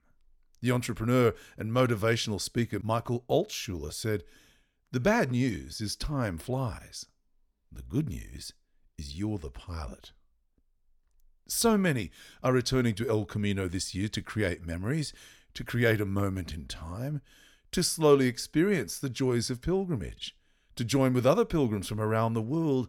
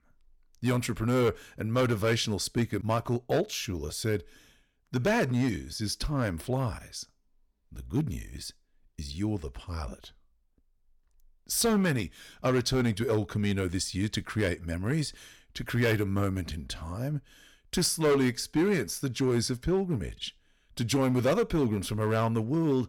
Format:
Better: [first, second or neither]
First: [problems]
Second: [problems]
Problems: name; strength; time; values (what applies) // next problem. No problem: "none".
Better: first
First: none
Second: distortion; slight; 4% of the sound clipped